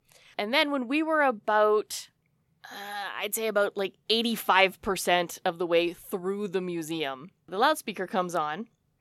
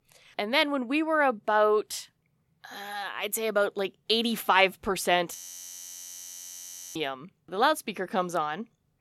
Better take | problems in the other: first | audio freezing; at 5.5 s for 1.5 s

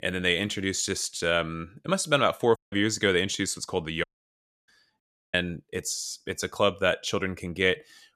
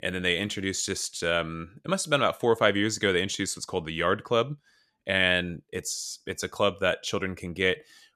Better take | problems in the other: second | audio cutting out; at 2.5 s, at 4 s for 0.5 s and at 5 s

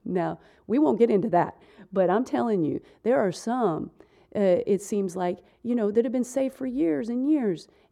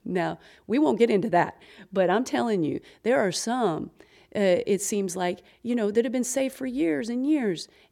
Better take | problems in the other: second | muffled; slightly; fading above 1 kHz

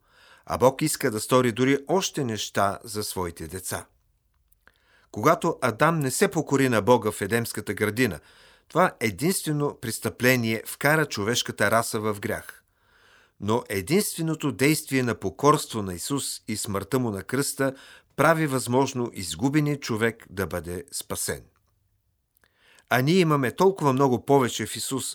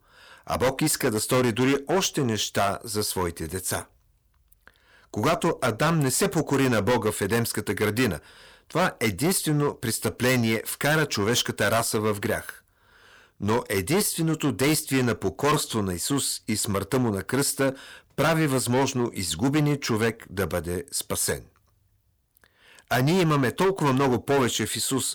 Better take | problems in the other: first | distortion; heavy; 11% of the sound clipped

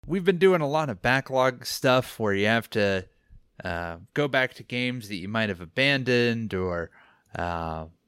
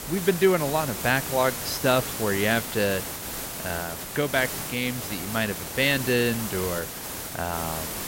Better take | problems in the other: first | hiss; loud; throughout; 6 dB below the speech

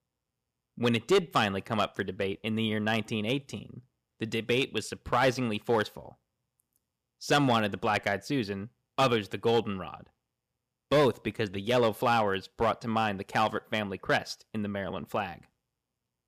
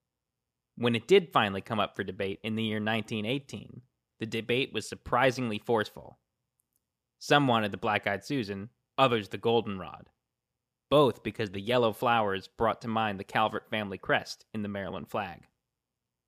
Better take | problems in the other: second | distortion; slight; 2% of the sound clipped

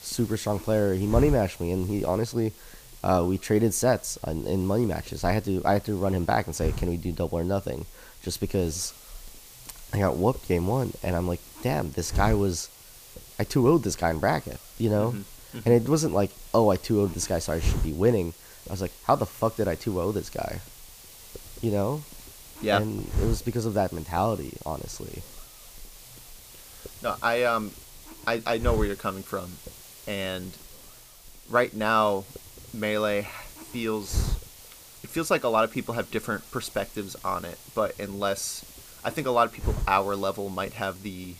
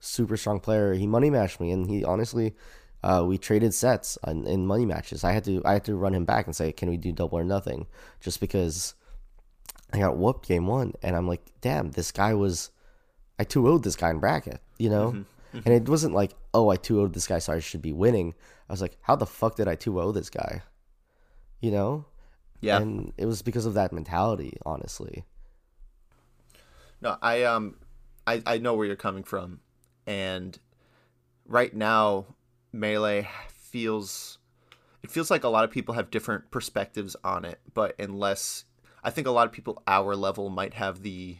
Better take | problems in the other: second | hiss; noticeable; throughout; 15 dB below the speech

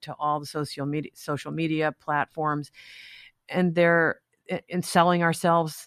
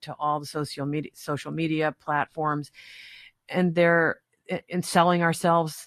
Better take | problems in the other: first | garbled, watery; slightly; nothing above 13 kHz

